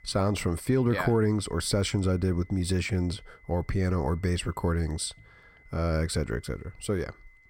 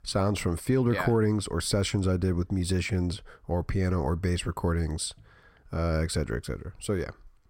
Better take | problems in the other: second | high-pitched whine; faint; throughout; 2 kHz, 30 dB below the speech

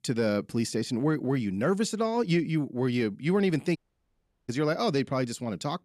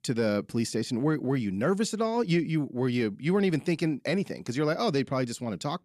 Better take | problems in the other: second | audio cutting out; at 4 s for 0.5 s

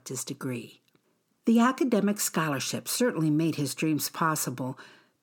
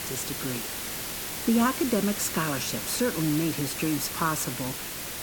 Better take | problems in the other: first | hiss; loud; throughout; 4 dB below the speech

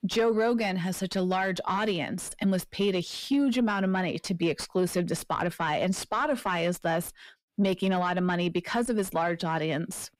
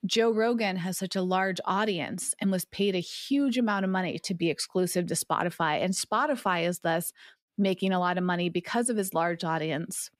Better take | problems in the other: second | distortion; slight; 10 dB below the speech

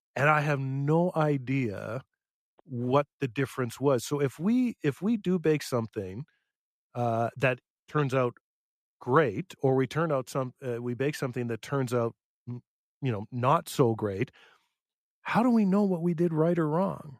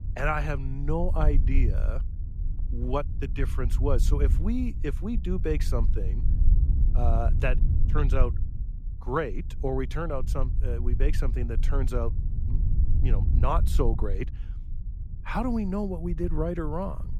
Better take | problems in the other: first | low rumble; noticeable; throughout; 15 dB below the speech

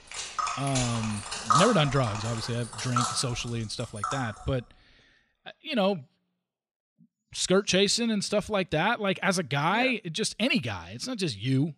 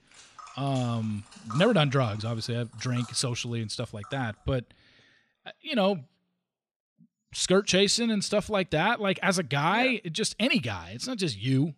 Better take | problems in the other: second | household noises; loud; until 4.5 s; 3 dB below the speech; faint in the second

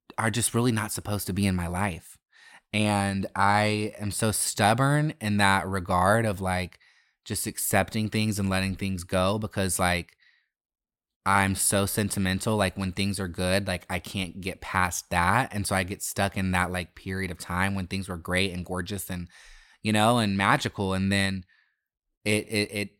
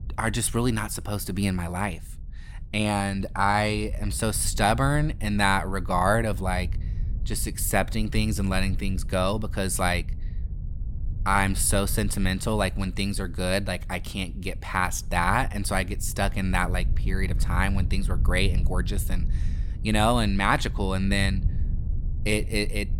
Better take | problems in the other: first | low rumble; faint; throughout; 20 dB below the speech

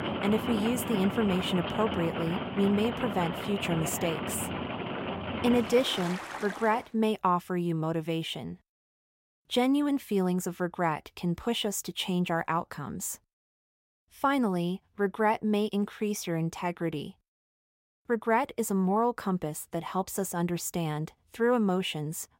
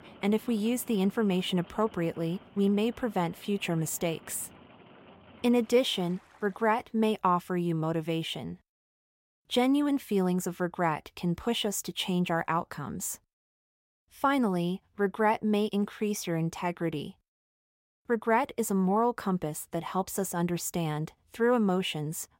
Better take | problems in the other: second | rain or running water; loud; until 7 s; 5 dB below the speech; faint in the second

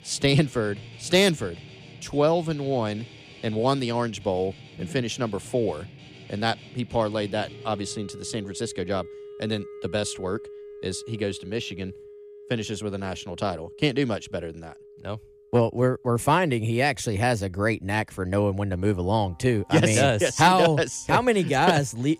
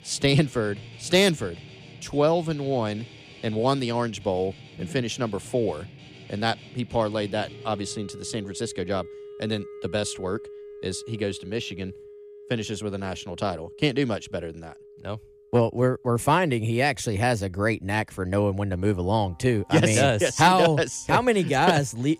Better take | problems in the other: neither | background music; noticeable; throughout; 20 dB below the speech; the same in both

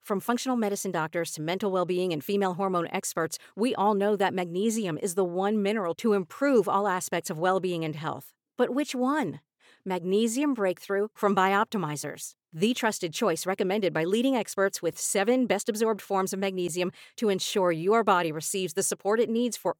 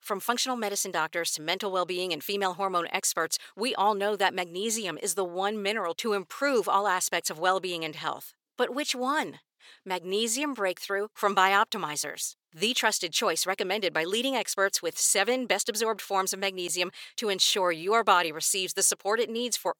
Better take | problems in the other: first | thin; somewhat; fading below 1 kHz

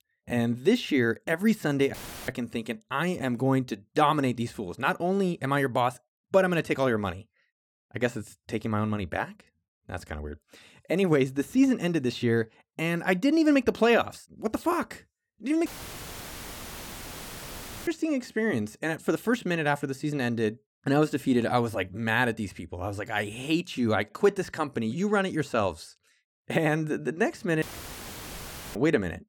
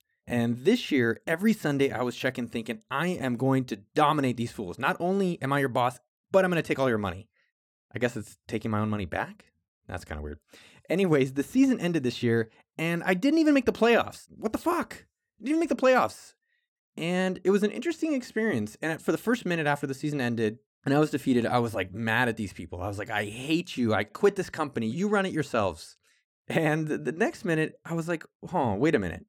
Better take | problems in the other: second | audio cutting out; filled with static; at 2 s, at 16 s for 2 s and at 28 s for 1 s

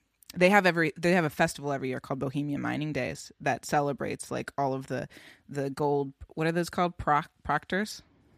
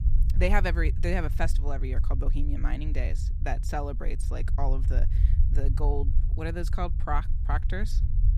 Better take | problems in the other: first | low rumble; noticeable; throughout; 15 dB below the speech

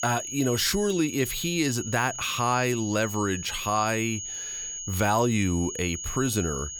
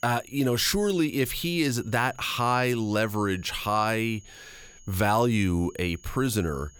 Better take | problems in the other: second | high-pitched whine; loud; throughout; 6.5 kHz, 7 dB below the speech; faint in the second

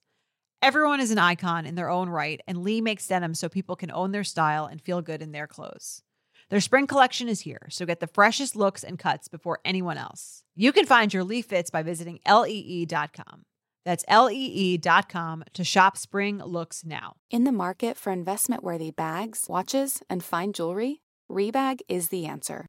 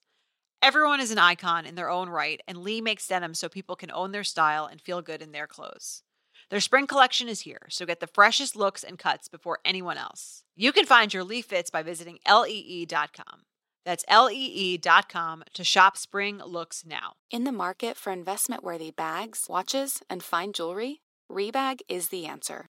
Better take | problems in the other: first | thin; somewhat; fading below 300 Hz

